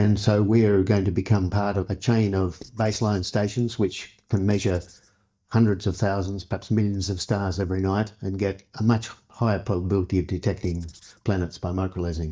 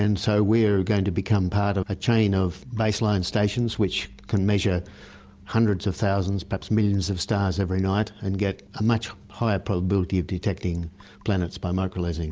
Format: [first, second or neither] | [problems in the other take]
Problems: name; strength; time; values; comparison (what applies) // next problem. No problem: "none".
second | noise reduction (neural mask model DeepFilterNet 3)